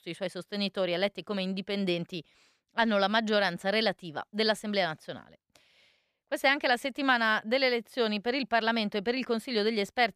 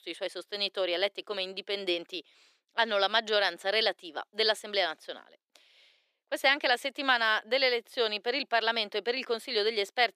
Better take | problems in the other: first | thin; somewhat; fading below 350 Hz

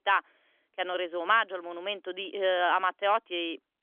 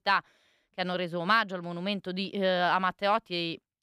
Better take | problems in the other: second | phone-call audio; nothing above 3.5 kHz

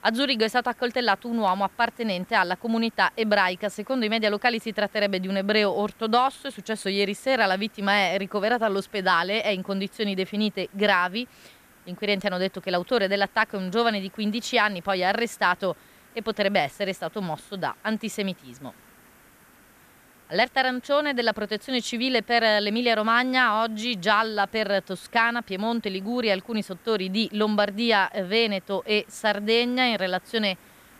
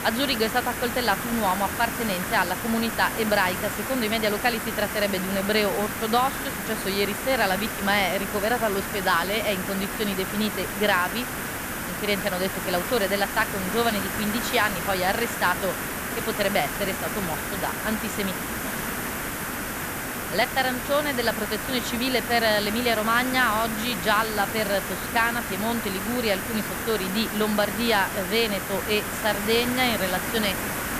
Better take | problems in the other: first | hiss; loud; throughout; 4 dB below the speech; faint in the first

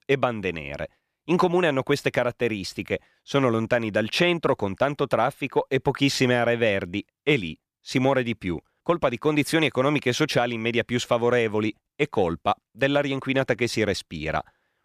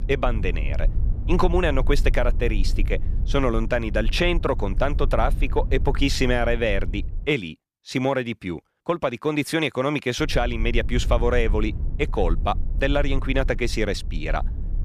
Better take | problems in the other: first | low rumble; faint; until 7.5 s and from 10 s on; 20 dB below the speech

